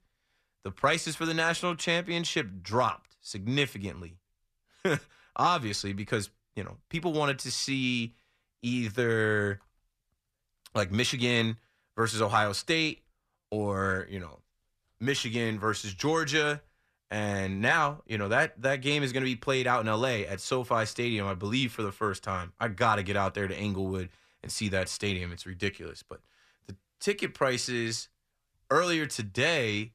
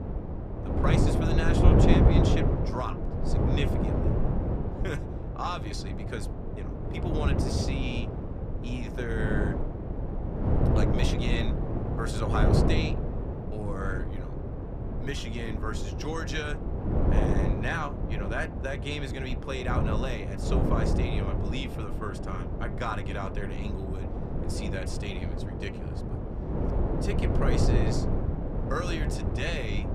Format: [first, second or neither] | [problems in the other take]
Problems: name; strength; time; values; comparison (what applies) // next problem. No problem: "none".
first | wind noise on the microphone; heavy; as loud as the speech